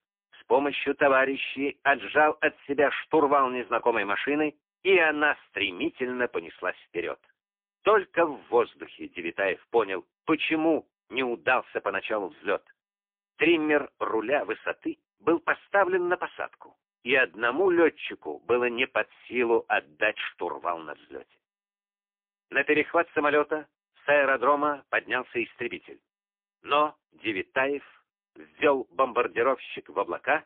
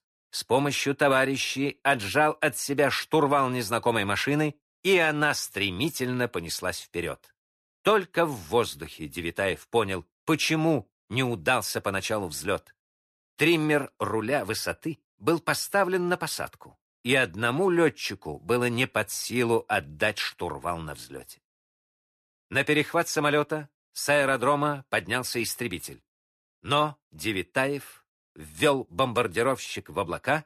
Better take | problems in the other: second | phone-call audio; poor line

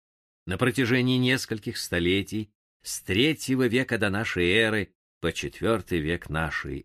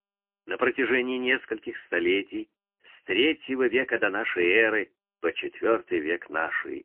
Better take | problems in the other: first | phone-call audio; poor line; nothing above 3 kHz

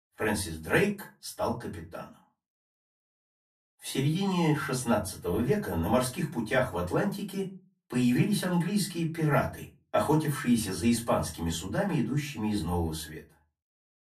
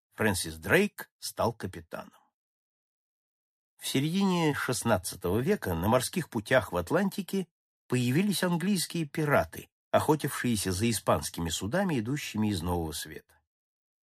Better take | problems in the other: second | off-mic speech; far // room echo; very slight; dies away in 0.2 s

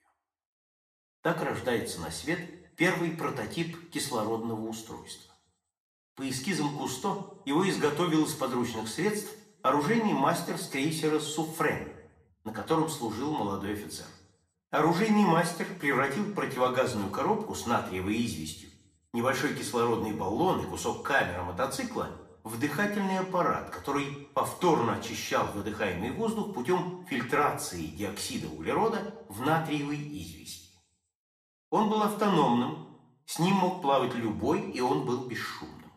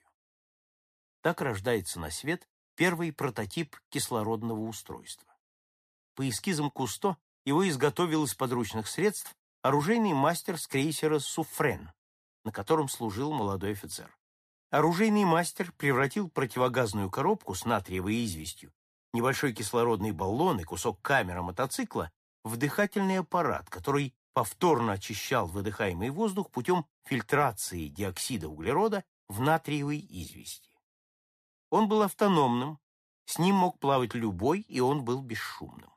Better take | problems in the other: second | room echo; slight; dies away in 0.7 s // off-mic speech; somewhat distant

